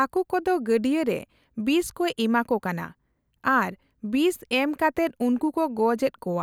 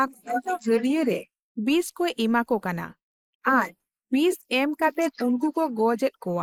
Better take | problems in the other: first | noise reduction (neural mask model Resemble Enhance denoiser)

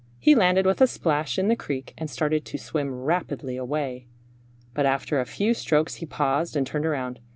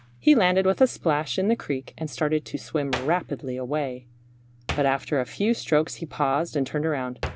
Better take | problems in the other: first | background sound (Hands); 16 dB below the speech

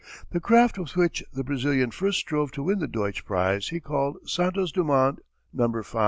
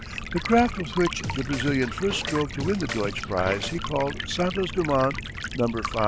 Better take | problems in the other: first | background sound (Stream + Scratching (performance technique)); 7 dB below the speech

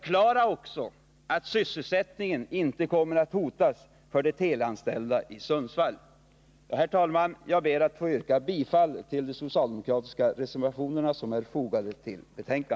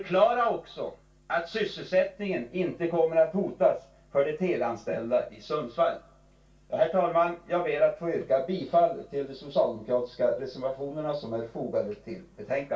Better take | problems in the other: first | room echo; dies away in 0.2 s

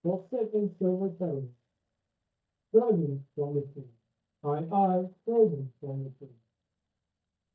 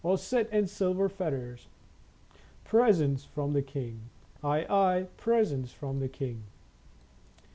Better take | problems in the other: second | noise reduction (neural mask model DeepFilterNet 3)

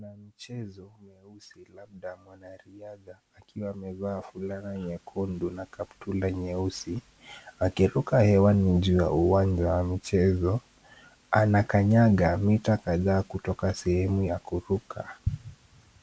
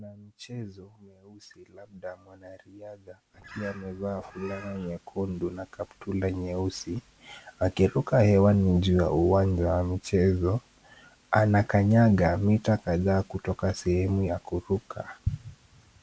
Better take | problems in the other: first | background sound (Bird); 20 dB below the speech

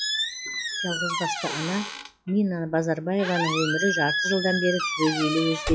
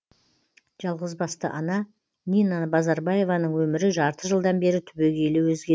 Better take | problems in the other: second | noise reduction (classical method log-MMSE)

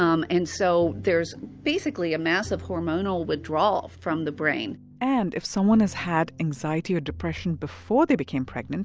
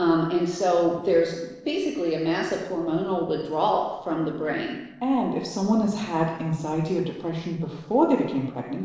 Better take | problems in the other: first | noise reduction (neural separator model SepFormer DNS4)

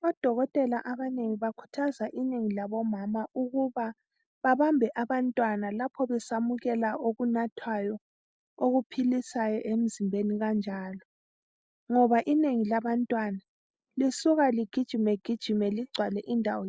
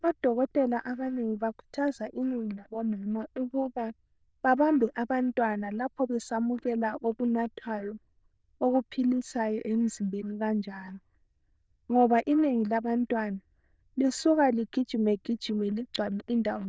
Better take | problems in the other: first | noise reduction (neural diffusion model UNIVERSE++)

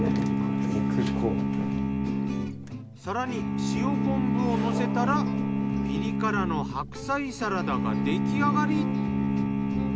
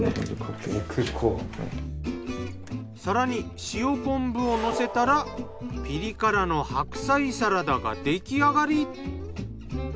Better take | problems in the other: second | background sound (Bowed string instrument); 4 dB above the speech

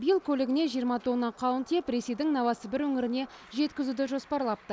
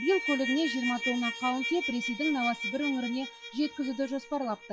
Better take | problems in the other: first | noise reduction (classical method log-MMSE)

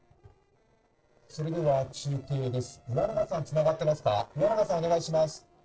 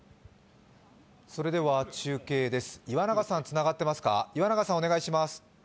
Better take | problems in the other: second | noise reduction (neural separator model SepFormer DNS4)

